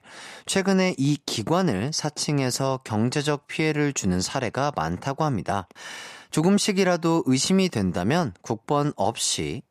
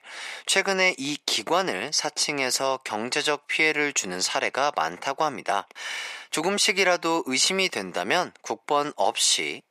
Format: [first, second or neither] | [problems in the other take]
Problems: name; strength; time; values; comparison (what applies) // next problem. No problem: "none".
first | thin; somewhat; fading below 500 Hz